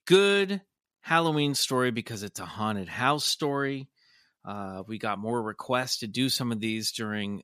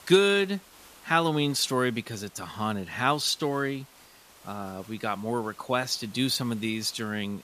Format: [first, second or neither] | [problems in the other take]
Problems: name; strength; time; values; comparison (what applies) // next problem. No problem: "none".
first | hiss; faint; throughout; 25 dB below the speech